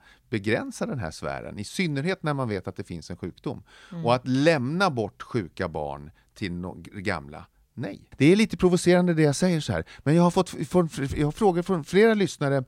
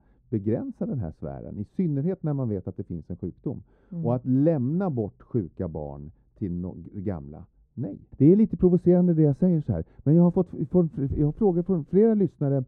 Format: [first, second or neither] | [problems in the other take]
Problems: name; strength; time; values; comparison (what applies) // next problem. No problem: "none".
first | muffled; very; fading above 1 kHz